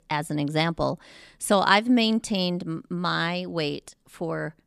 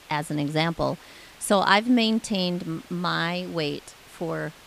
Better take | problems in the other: first | hiss; faint; throughout; 25 dB below the speech

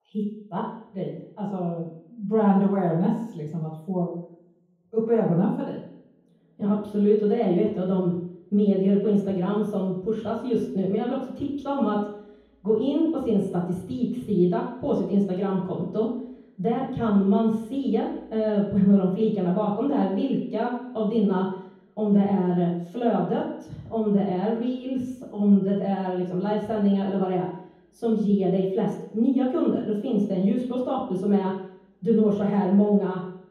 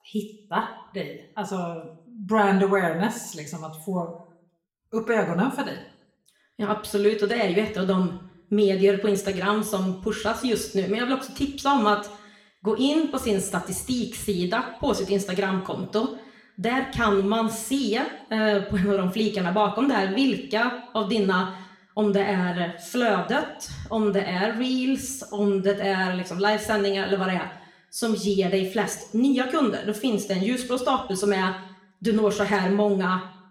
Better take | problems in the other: second | room echo; strong; dies away in 0.9 s; slight in the second // off-mic speech; far; somewhat distant in the second

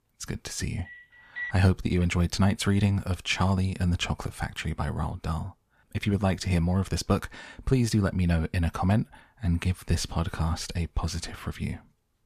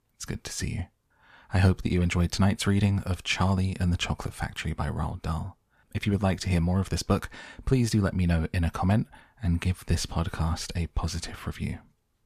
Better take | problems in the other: second | phone ringing; noticeable; at 1 s; peak 7 dB below the speech

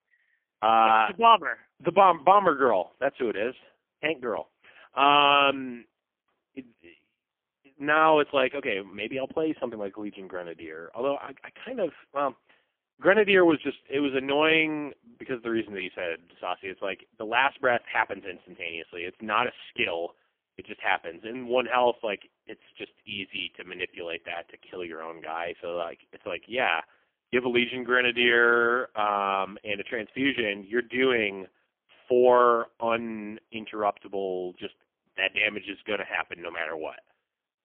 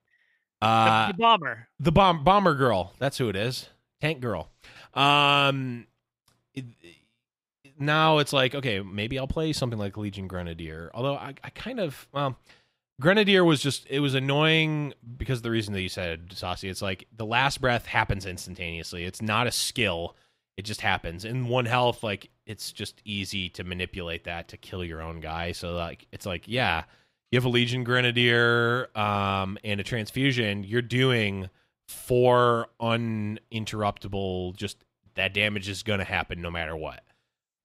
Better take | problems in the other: second | phone-call audio; poor line; nothing above 3 kHz

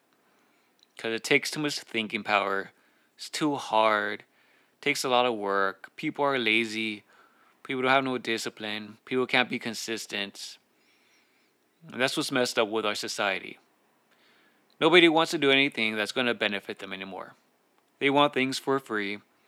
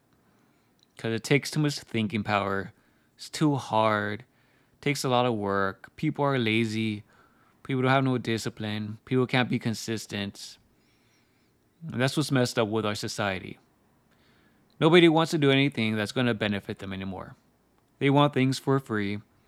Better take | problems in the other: second | thin; somewhat; fading below 350 Hz

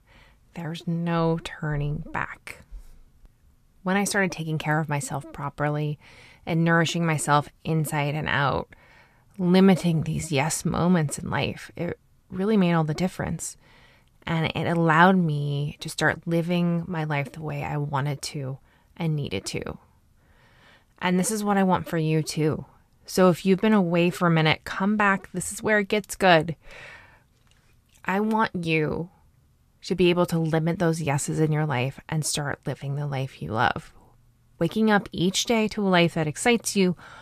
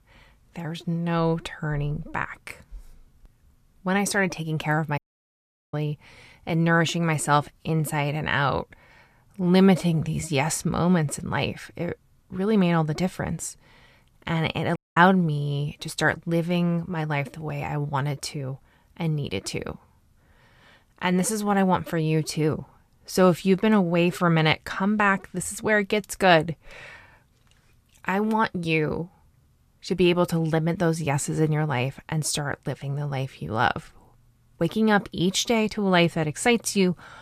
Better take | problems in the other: first | audio cutting out; at 5 s for 1 s and at 15 s

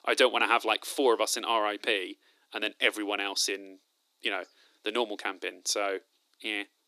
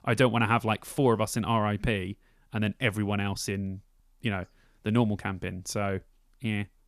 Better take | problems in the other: second | thin; very; fading below 300 Hz

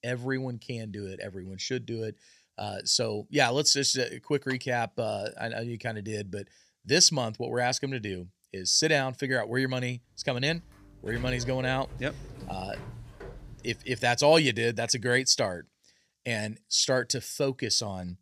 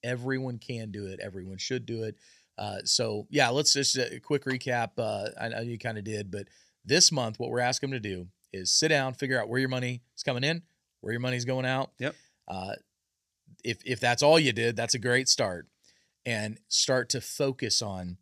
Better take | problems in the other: second | door banging; faint; from 10 to 14 s; peak 15 dB below the speech

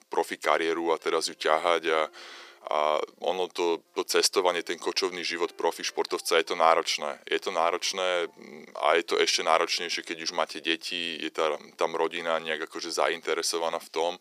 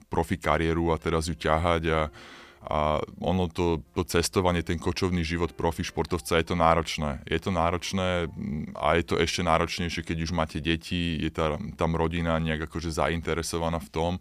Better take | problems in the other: second | thin; very; fading below 400 Hz

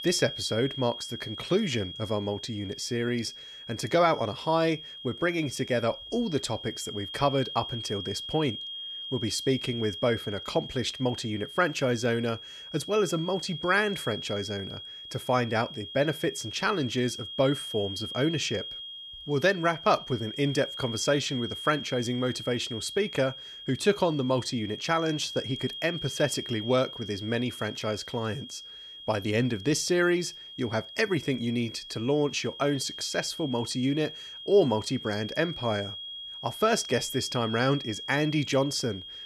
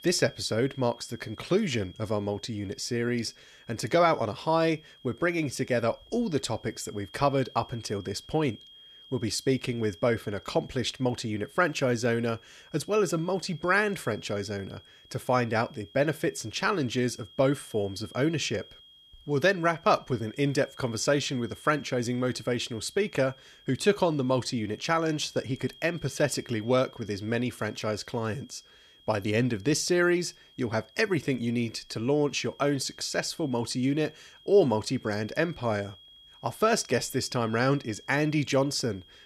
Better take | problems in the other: second | high-pitched whine; loud; throughout; 3.5 kHz, 9 dB below the speech; faint in the second

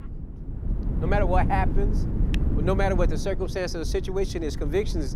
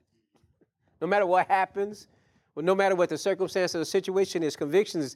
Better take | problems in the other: second | wind noise on the microphone; occasional gusts; 10 dB below the speech

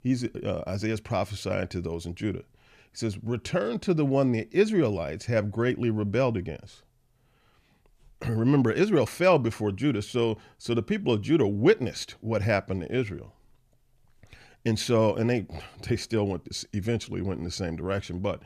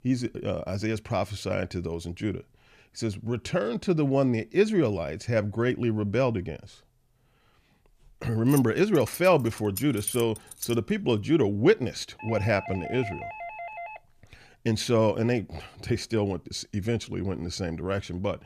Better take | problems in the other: first | jangling keys; noticeable; from 8.5 to 11 s; peak 6 dB below the speech // doorbell; faint; from 12 to 14 s; peak 10 dB below the speech

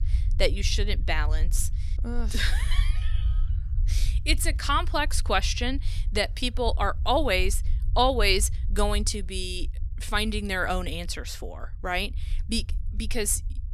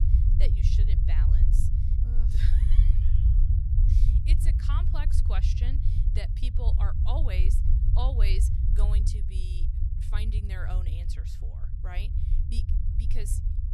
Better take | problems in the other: first | low rumble; loud; throughout; 2 dB below the speech; faint in the first

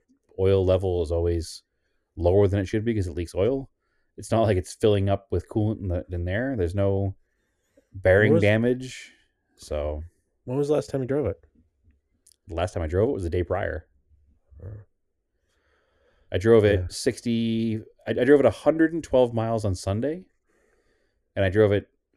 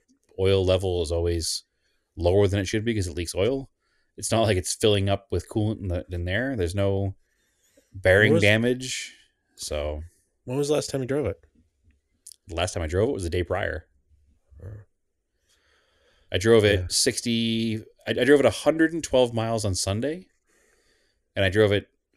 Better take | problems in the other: second | muffled; slightly; fading above 2 kHz

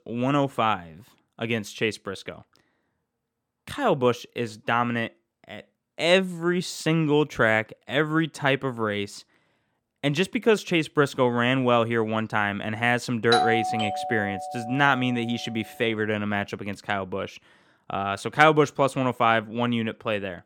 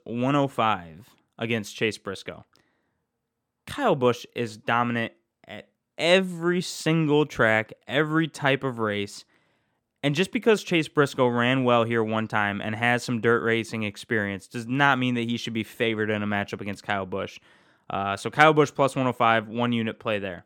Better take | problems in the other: second | doorbell; loud; from 13 to 15 s; peak 1 dB above the speech

